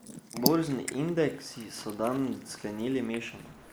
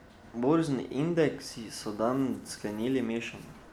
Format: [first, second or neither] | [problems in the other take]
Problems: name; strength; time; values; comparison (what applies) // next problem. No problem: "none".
second | noise reduction (neural mask model Resemble Enhance denoiser)